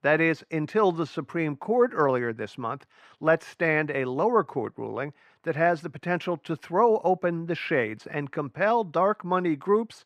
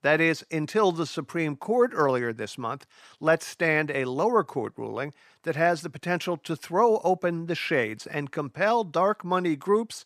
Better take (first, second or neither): second